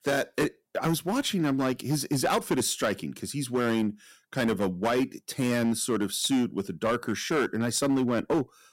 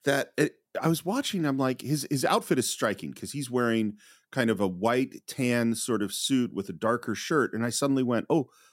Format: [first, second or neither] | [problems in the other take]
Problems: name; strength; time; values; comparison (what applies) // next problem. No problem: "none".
second | distortion; slight; 8% of the sound clipped